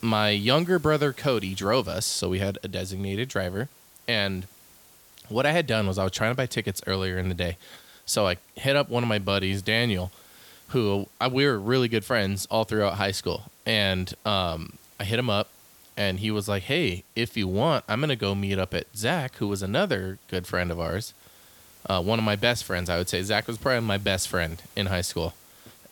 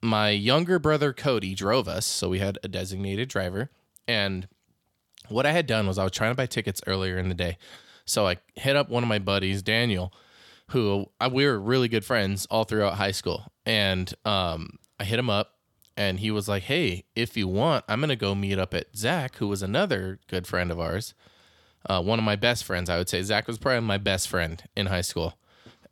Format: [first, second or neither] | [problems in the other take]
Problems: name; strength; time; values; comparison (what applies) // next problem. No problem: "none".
second | hiss; faint; throughout; 25 dB below the speech